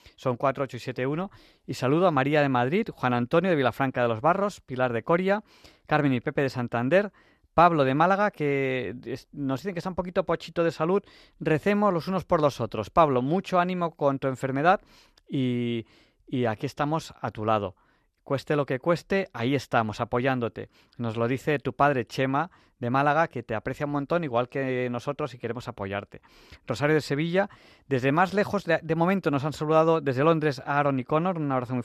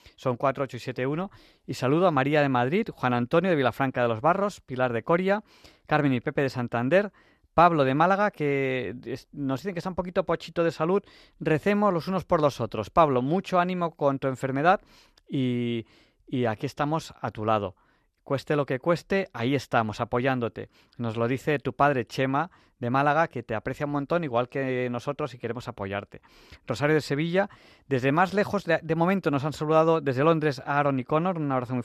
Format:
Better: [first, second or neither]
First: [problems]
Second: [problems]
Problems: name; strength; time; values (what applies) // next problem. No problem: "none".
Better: neither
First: none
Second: none